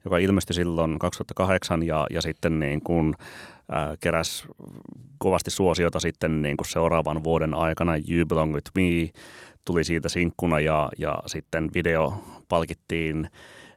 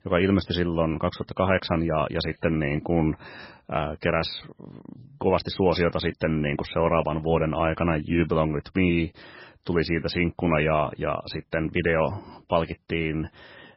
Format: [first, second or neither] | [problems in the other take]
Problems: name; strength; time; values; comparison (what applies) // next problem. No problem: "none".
first | garbled, watery; badly; nothing above 5.5 kHz